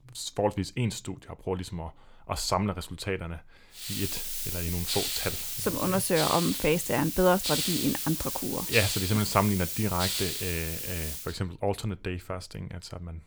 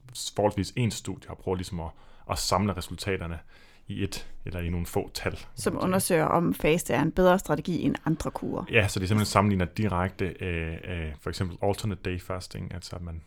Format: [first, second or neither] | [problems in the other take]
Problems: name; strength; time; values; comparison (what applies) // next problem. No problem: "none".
second | hiss; loud; from 4 to 11 s; 1 dB below the speech